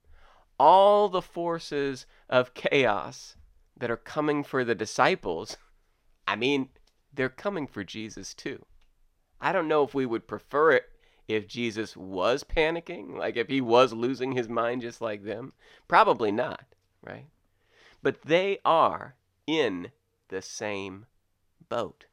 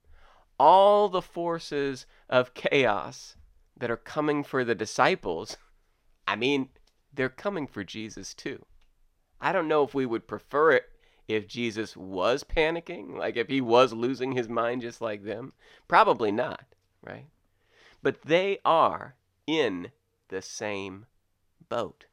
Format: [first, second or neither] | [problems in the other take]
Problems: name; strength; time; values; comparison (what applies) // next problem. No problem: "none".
neither | none